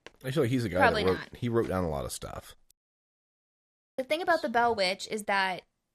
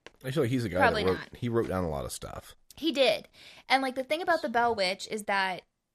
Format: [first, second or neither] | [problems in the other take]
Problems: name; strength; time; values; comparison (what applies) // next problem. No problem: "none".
second | audio cutting out; at 2.5 s for 1.5 s